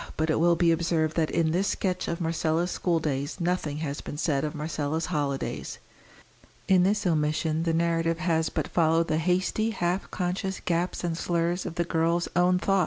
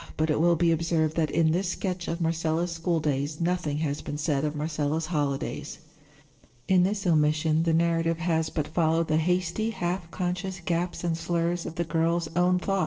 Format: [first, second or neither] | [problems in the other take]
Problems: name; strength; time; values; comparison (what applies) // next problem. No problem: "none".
first | noise reduction (neural separator model SepFormer DNS4)